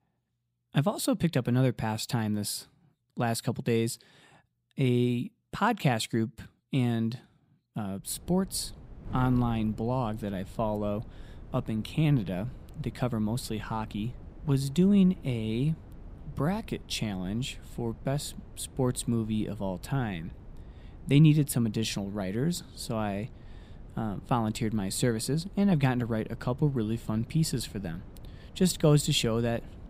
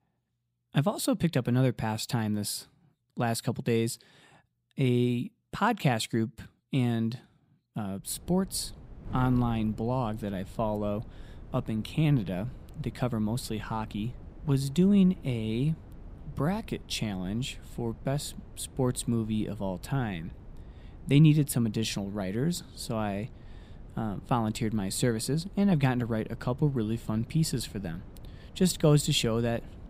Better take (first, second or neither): neither